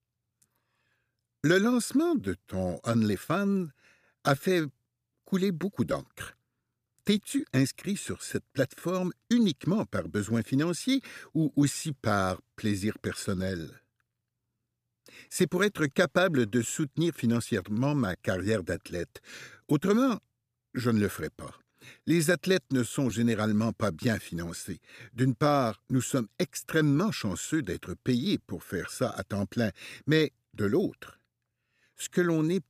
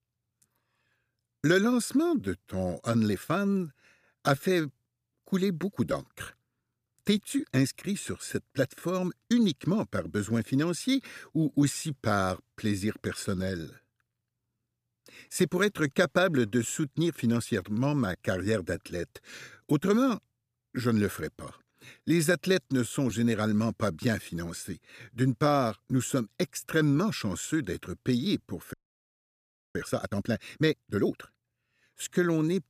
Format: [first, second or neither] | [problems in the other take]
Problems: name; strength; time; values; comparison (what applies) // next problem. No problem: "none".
first | audio freezing; at 29 s for 1 s